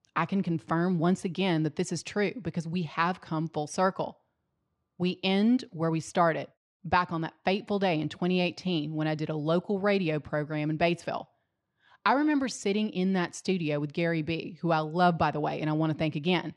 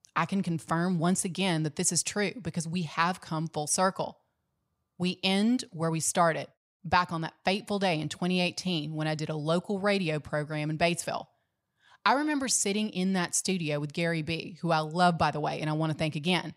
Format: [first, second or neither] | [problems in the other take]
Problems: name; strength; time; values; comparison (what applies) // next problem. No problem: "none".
second | muffled; slightly; fading above 3.5 kHz